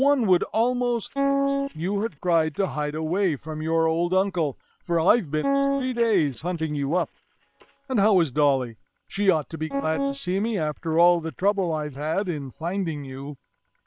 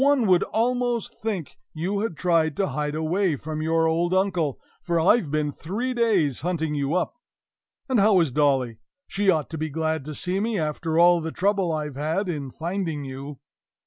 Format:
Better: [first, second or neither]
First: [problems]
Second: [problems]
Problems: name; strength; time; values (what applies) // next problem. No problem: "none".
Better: second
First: noise reduction (neural separator model SepFormer WHAM!)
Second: none